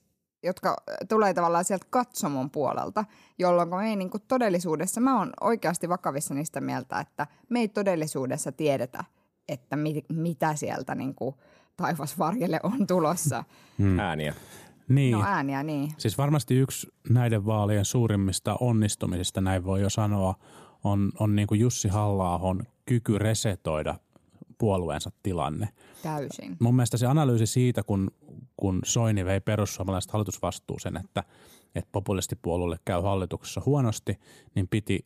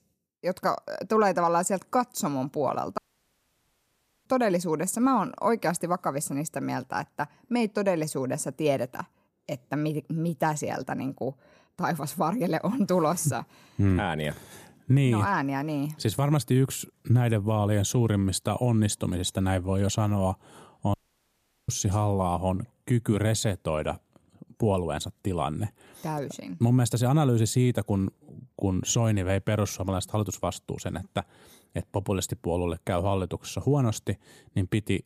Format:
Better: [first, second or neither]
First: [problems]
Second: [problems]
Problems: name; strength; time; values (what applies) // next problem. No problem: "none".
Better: first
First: none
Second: audio cutting out; at 3 s for 1.5 s and at 21 s for 0.5 s